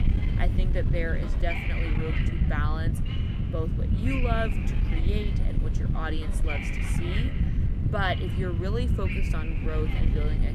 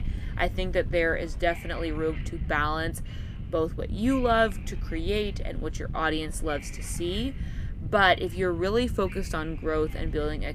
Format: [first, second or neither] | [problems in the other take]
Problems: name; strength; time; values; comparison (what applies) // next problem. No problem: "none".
second | wind noise on the microphone; heavy; 3 dB below the speech; occasional gusts in the second